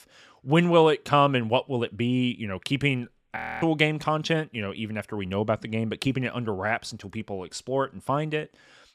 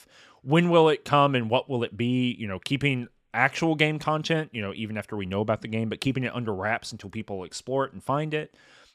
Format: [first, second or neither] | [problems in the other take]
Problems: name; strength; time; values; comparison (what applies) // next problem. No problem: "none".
second | audio freezing; at 3.5 s